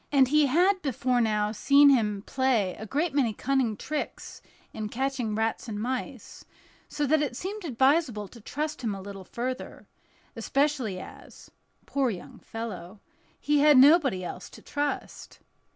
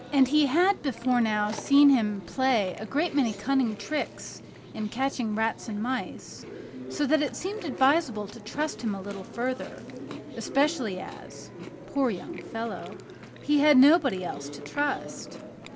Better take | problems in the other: first | background sound (Chewing, mastication); 14 dB below the speech

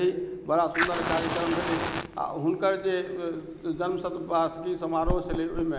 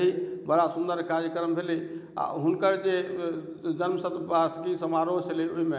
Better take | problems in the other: second | background sound (Fire); 6 dB below the speech

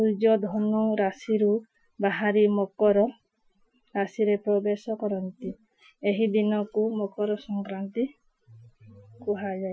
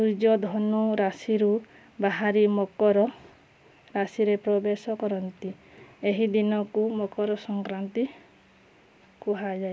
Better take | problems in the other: second | noise reduction (classical method Wiener filter)

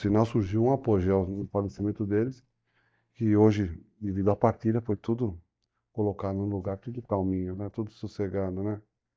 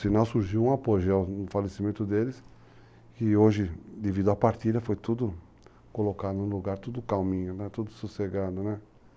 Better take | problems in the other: second | noise reduction (neural mask model DeepFilterNet 3)

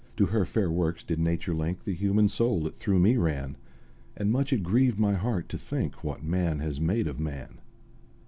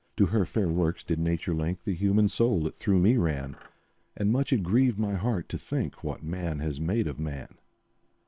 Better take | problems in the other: first | noise reduction (neural separator model SepFormer WHAM!)

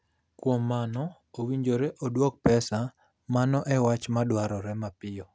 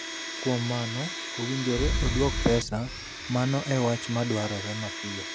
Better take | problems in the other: first | background sound (Explosion + Domestic sounds, home sounds); 4 dB below the speech

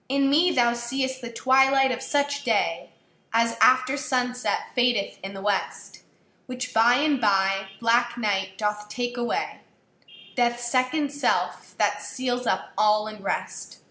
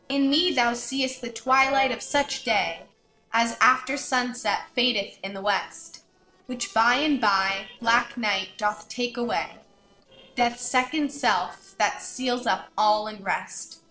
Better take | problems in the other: first | noise reduction (neural separator model SepFormer DNS4)

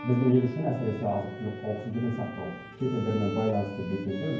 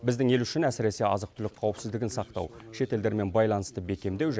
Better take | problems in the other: second | background sound (Bowed string instrument); 12 dB below the speech // room echo; dies away in 0.9 s

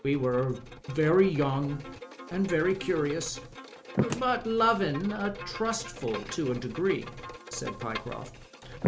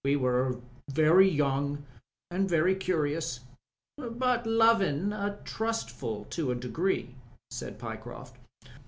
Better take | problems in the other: second | background sound (Bowed string instrument + Slam); 9 dB below the speech

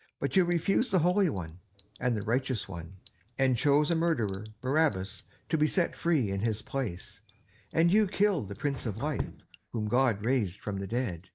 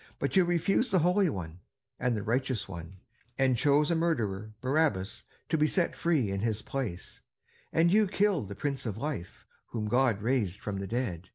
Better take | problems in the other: second | noise reduction (neural mask model DeepFilterNet 3)

